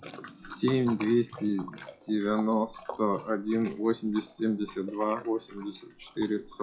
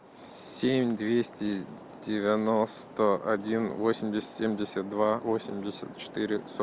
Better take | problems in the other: second | noise reduction (classical method WPE with log-MMSE)

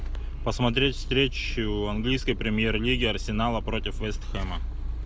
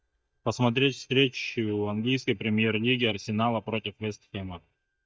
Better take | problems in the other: first | noise reduction (neural mask model DeepFilterNet 3)

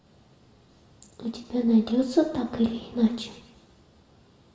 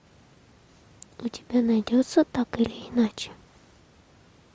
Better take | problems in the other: second | room echo; dies away in 0.7 s

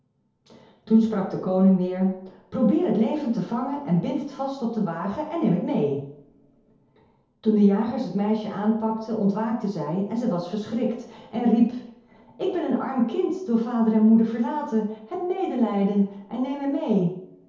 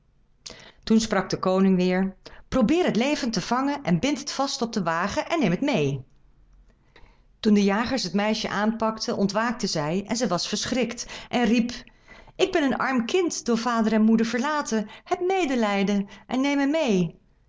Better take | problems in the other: second | room echo; dies away in 0.8 s

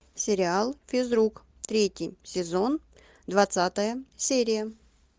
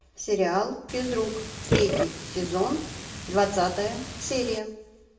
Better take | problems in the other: first | background sound (Burping, eructation); 4 dB below the speech // room echo; dies away in 0.6 s

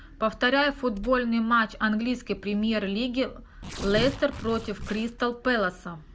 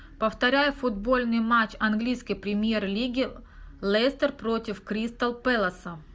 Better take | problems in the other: second | background sound (Tearing); 15 dB below the speech

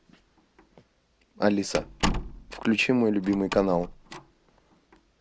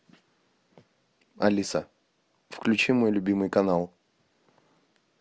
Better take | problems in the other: second | background sound (Slam); 8 dB below the speech

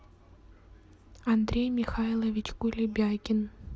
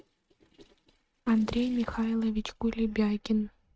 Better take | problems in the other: first | noise reduction (neural mask model RNNoise)

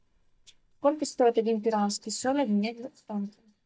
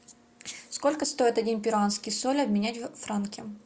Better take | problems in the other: second | noise reduction (neural mask model DeepFilterNet 3)

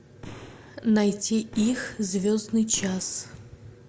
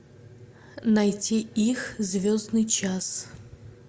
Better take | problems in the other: second | background sound (Boom); 20 dB below the speech

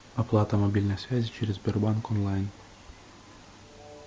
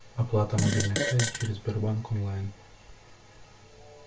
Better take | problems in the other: first | background sound (Fart); as loud as the speech // room echo; dies away in 0.2 s

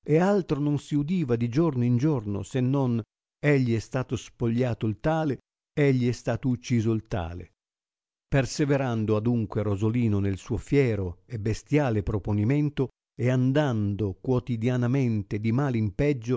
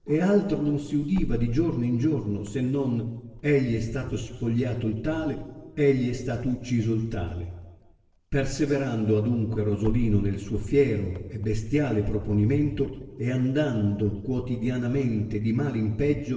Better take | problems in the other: first | noise reduction (neural separator model SepFormer DNS4)

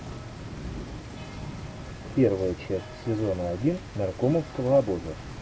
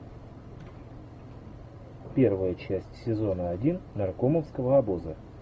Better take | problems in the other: second | background sound (Rain); 12 dB below the speech

